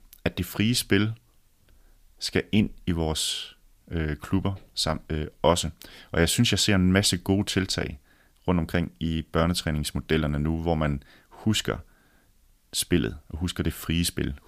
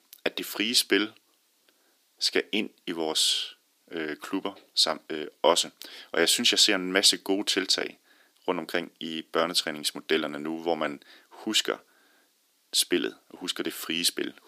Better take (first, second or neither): first